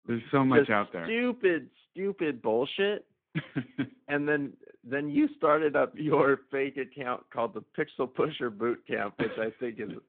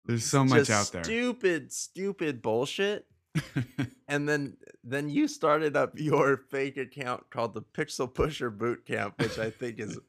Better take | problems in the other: second | phone-call audio

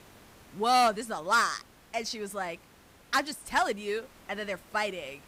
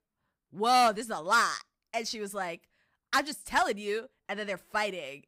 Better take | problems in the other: second | hiss; faint; throughout; 25 dB below the speech

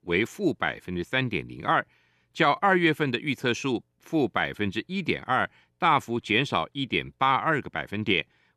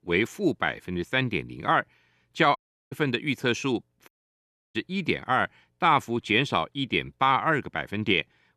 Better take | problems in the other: first | audio cutting out; at 2.5 s and at 4 s for 0.5 s

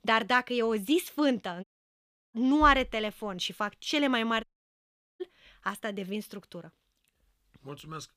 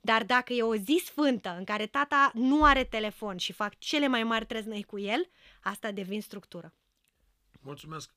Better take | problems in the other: second | audio cutting out; at 1.5 s for 0.5 s and at 4.5 s for 1 s

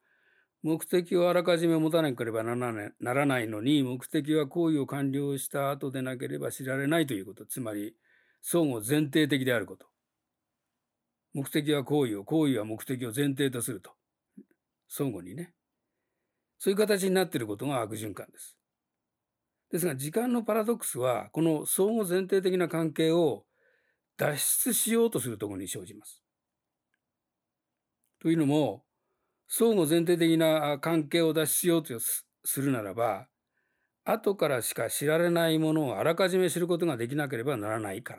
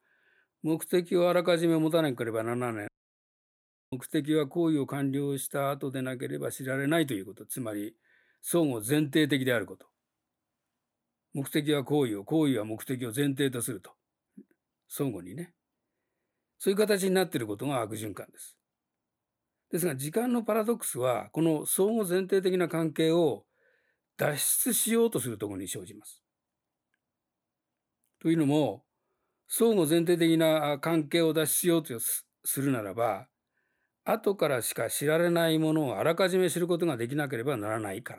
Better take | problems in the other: first | audio cutting out; at 3 s for 1 s

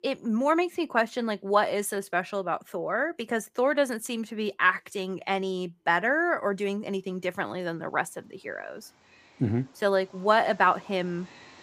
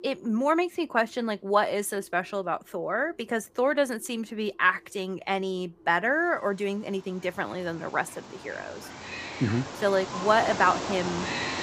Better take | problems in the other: first | animal sounds; loud; throughout; 8 dB below the speech; faint in the first

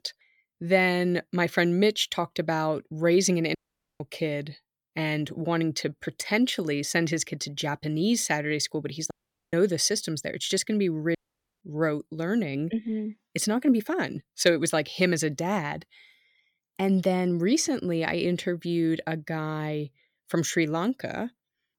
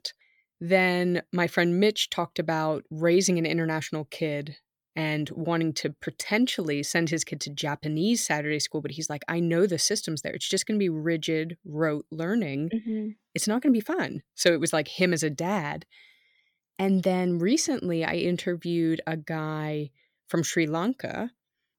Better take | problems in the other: second | audio cutting out; at 3.5 s, at 9 s and at 11 s

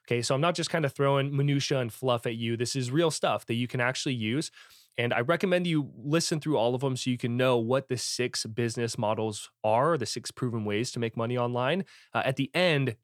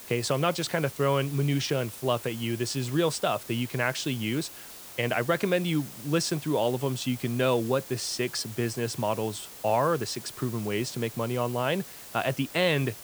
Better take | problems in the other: first | hiss; noticeable; throughout; 15 dB below the speech

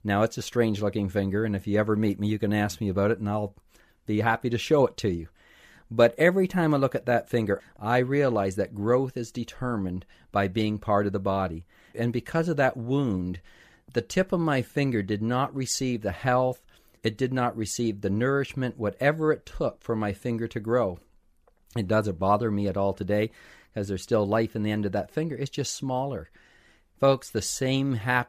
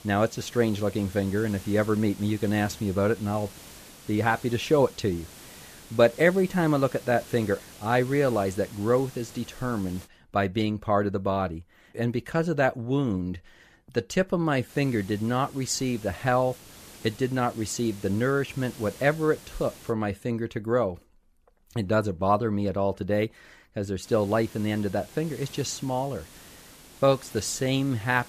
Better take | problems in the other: first | hiss; noticeable; until 10 s, from 15 to 20 s and from 24 s on; 20 dB below the speech

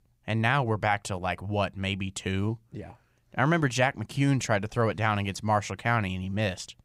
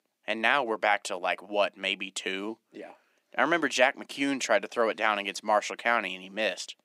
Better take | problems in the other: first | thin; somewhat; fading below 250 Hz

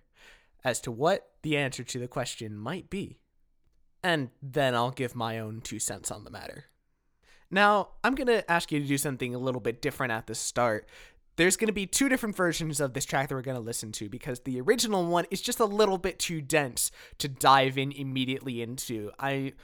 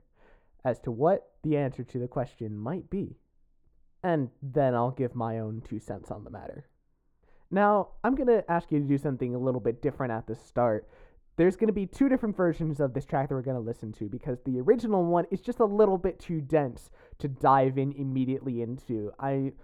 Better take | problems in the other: first | muffled; very; fading above 2 kHz

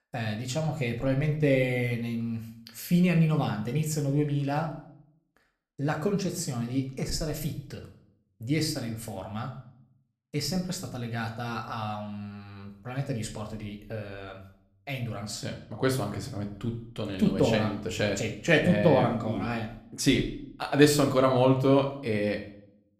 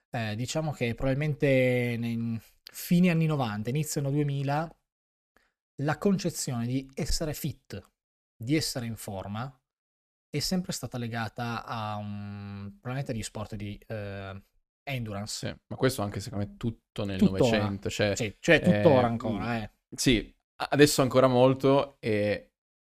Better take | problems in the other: second | room echo; slight; dies away in 0.5 s

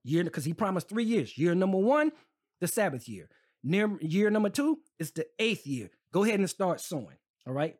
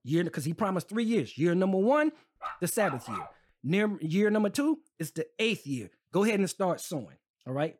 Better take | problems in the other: first | dog barking; noticeable; at 2.5 s; peak 8 dB below the speech

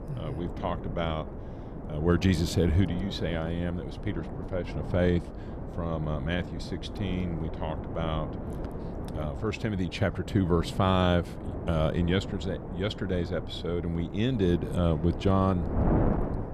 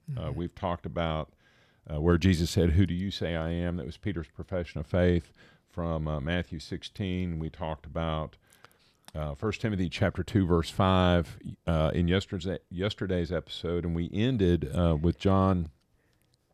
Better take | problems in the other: second | wind noise on the microphone; heavy; 8 dB below the speech

